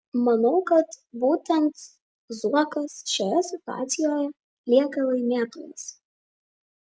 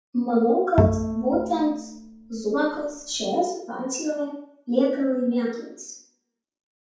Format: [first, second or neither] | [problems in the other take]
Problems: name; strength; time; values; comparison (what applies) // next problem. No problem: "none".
first | background sound (Bowed string instrument); 2 dB below the speech // room echo; dies away in 0.5 s